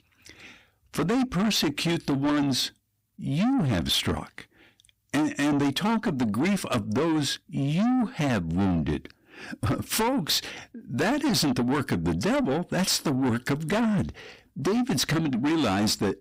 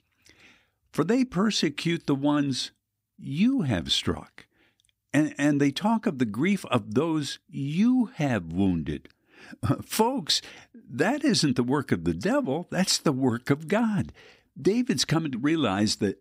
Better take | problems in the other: second | distortion; heavy; 6 dB below the speech

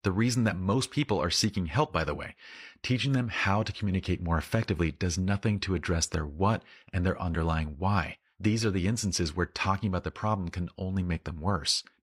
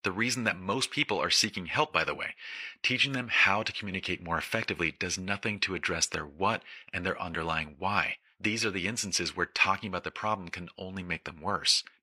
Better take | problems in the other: first | thin; somewhat; fading below 500 Hz

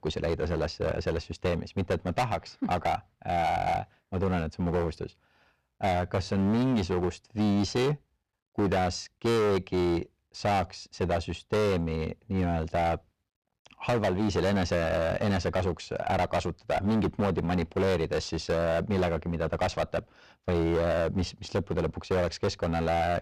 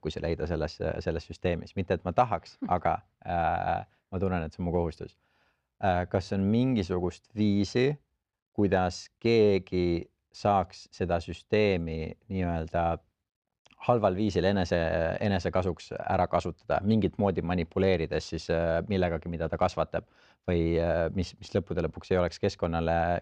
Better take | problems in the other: second | distortion; heavy; 15% of the sound clipped

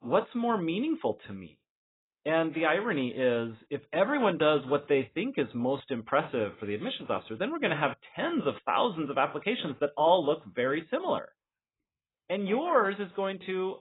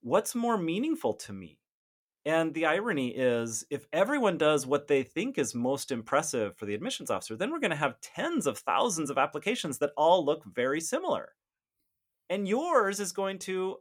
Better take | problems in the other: second | garbled, watery; badly; nothing above 4 kHz

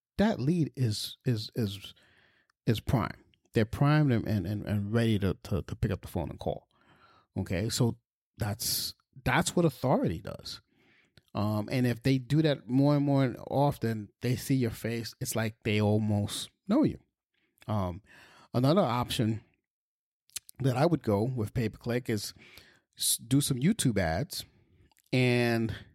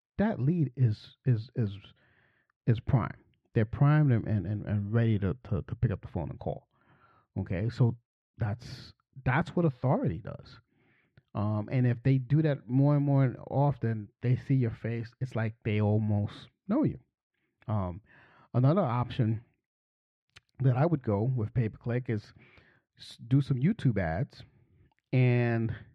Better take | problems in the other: first | muffled; very; fading above 2 kHz

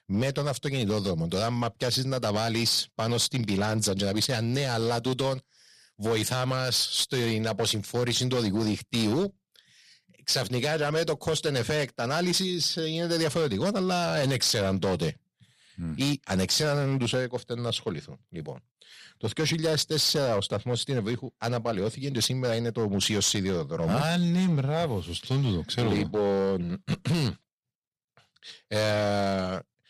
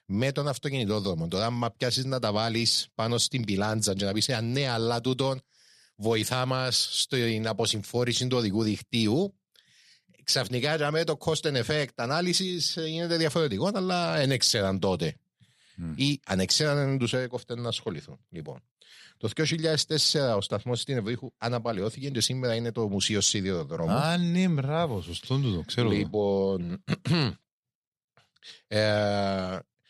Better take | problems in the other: second | distortion; slight; 8% of the sound clipped

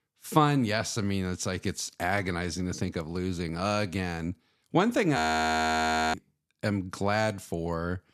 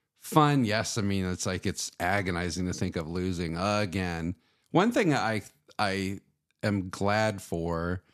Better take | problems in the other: second | audio freezing; at 5 s for 1 s

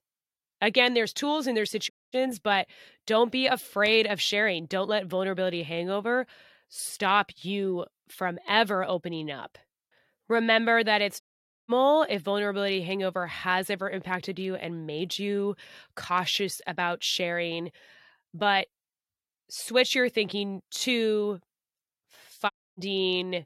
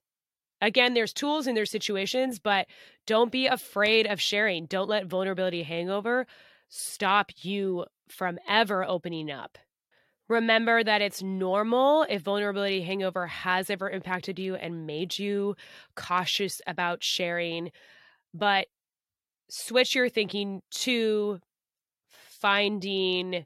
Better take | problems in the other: second | audio cutting out; at 2 s, at 11 s and at 23 s

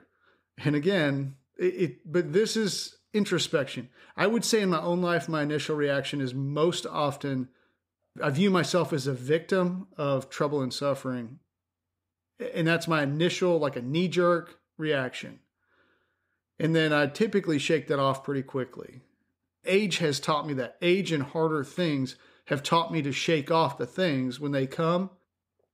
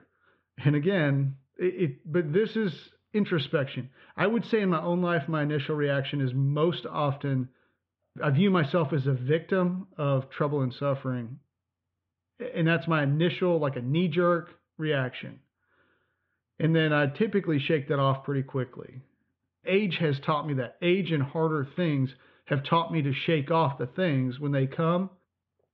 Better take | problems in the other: first | muffled; very; fading above 3.5 kHz

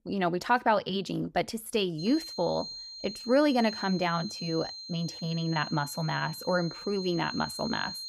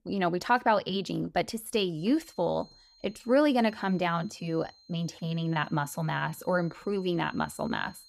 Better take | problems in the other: second | high-pitched whine; loud; from 2 s on; 4 kHz, 9 dB below the speech; faint in the second

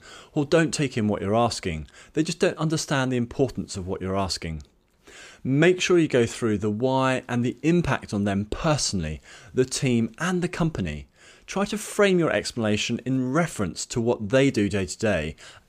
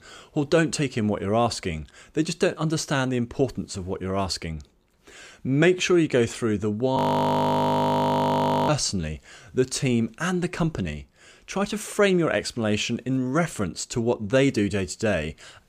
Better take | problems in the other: first | audio freezing; at 7 s for 1.5 s

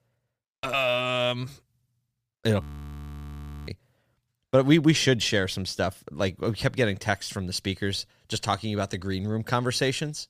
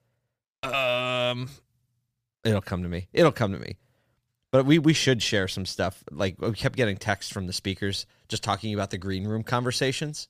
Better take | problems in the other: second | audio freezing; at 2.5 s for 1 s

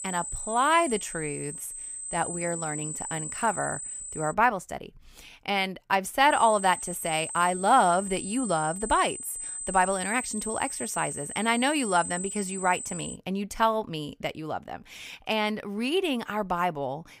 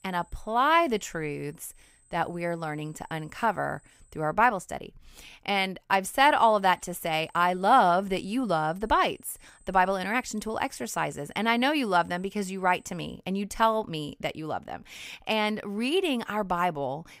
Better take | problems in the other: second | high-pitched whine; loud; until 4.5 s and from 6.5 to 13 s; 8 kHz, 7 dB below the speech; faint in the second

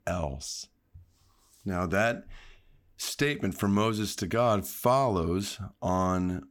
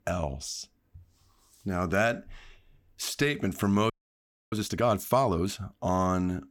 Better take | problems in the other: first | audio freezing; at 4 s for 0.5 s

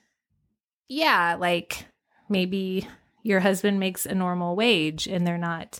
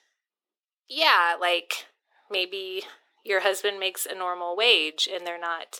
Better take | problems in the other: first | thin; very; fading below 400 Hz

